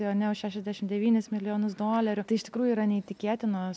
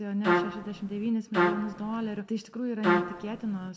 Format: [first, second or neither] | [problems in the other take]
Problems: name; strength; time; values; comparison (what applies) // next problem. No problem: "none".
first | background sound (Trumpet); 3 dB above the speech // room echo; dies away in 0.7 s